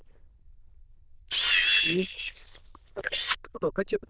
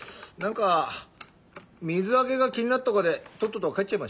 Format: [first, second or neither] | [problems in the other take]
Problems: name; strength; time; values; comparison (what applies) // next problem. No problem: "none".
second | noise reduction (neural diffusion model UNIVERSE++)